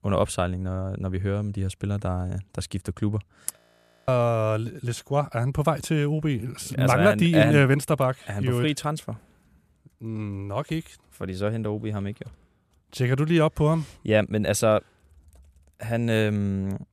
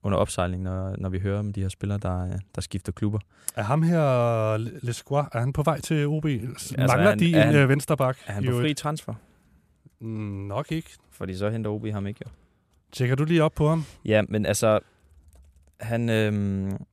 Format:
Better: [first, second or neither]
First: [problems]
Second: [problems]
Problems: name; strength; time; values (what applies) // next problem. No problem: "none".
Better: second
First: audio freezing; at 3.5 s for 0.5 s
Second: none